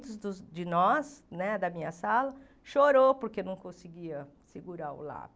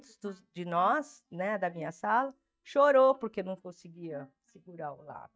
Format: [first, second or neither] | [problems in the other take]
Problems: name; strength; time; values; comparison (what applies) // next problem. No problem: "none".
first | noise reduction (neural mask model DeepFilterNet 3)